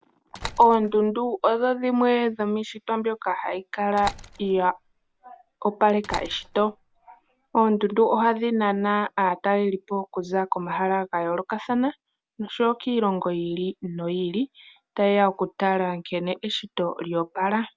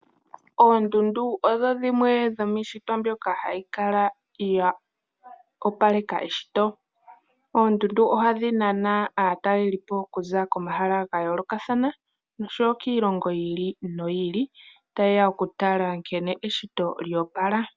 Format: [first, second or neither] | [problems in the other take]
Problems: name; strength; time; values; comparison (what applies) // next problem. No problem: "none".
second | background sound (Slam); 17 dB below the speech